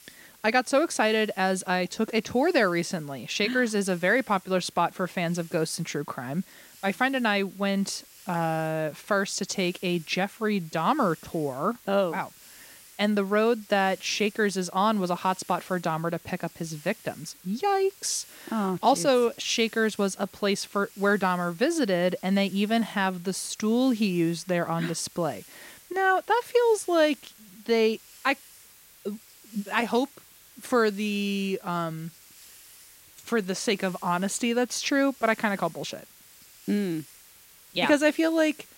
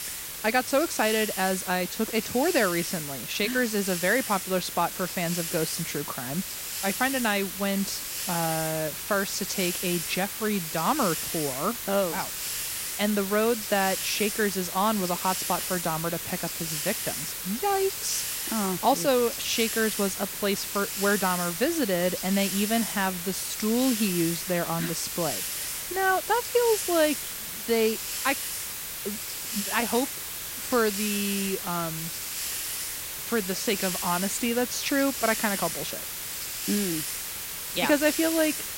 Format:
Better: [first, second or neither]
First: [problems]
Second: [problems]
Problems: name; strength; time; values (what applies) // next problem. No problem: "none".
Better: first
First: hiss; faint; throughout; 25 dB below the speech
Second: hiss; loud; throughout; 3 dB below the speech